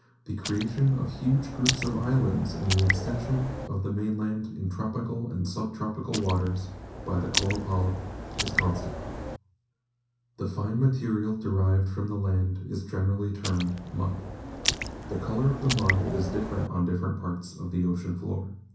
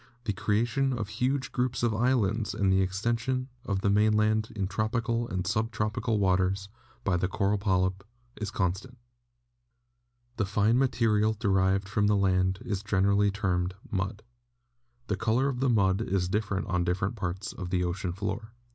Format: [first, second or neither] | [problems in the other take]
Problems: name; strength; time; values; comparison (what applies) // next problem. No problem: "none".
second | background sound (Raindrop); 5 dB below the speech // room echo; dies away in 0.6 s